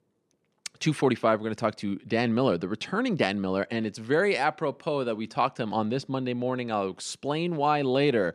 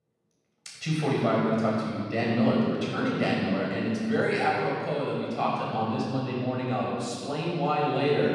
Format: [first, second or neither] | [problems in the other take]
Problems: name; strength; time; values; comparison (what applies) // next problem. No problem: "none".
first | off-mic speech; far // room echo; strong; dies away in 2 s